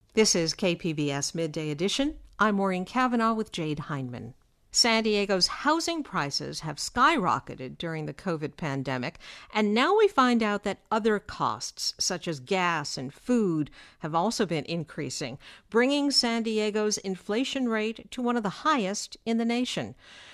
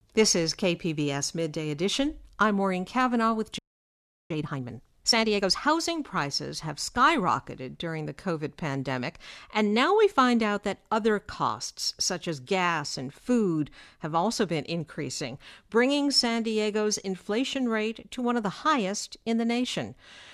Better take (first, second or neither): first